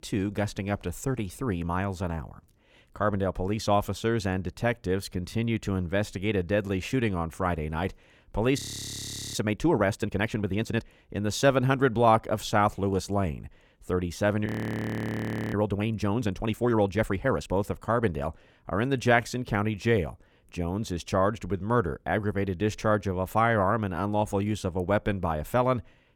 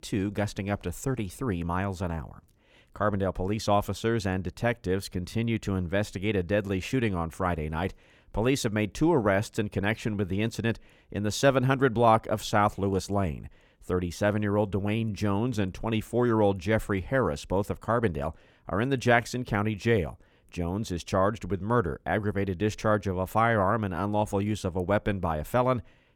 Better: second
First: audio freezing; at 8.5 s for 1 s and at 14 s for 1 s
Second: none

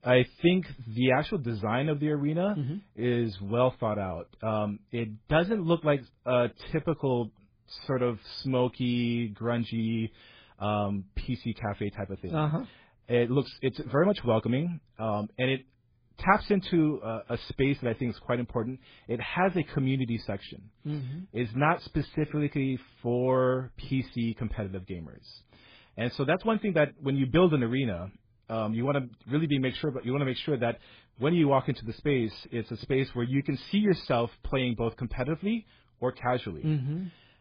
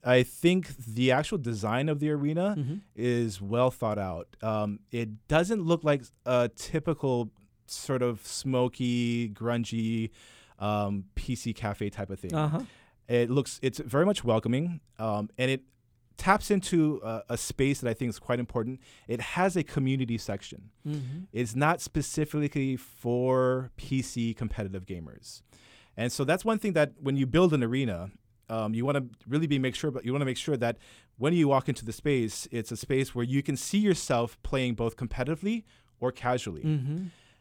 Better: second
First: garbled, watery; badly; nothing above 5 kHz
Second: none

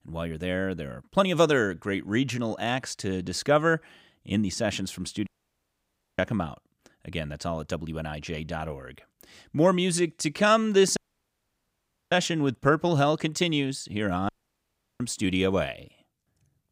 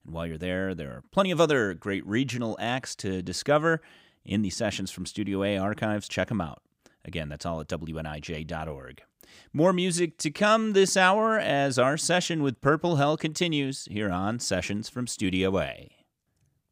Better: second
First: audio cutting out; at 5.5 s for 1 s, at 11 s for 1 s and at 14 s for 0.5 s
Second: none

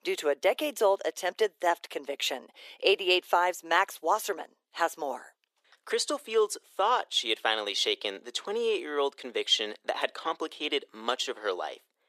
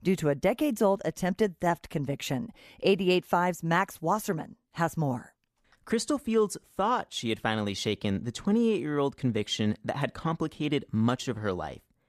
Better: second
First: thin; very; fading below 400 Hz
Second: none

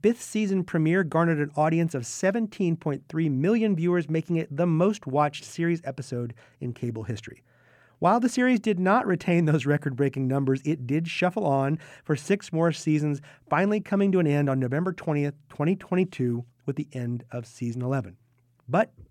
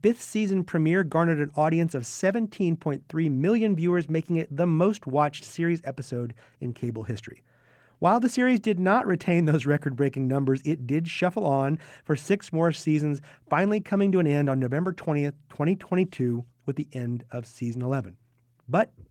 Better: first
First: none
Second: garbled, watery; slightly; nothing above 18 kHz

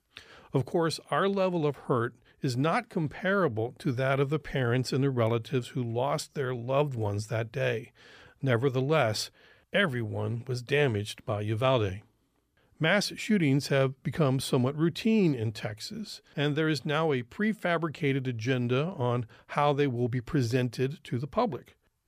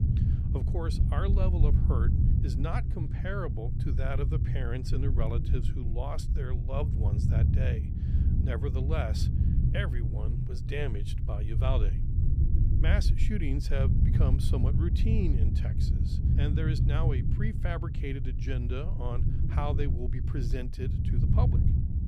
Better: first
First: none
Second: low rumble; loud; throughout; 3 dB below the speech

